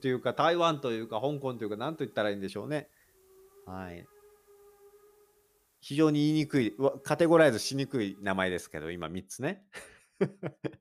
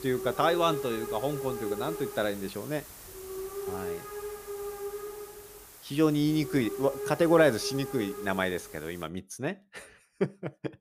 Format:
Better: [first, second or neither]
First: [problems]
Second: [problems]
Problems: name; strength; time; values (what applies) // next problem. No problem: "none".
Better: first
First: hiss; faint; until 9 s; 30 dB below the speech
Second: hiss; loud; until 9 s; 9 dB below the speech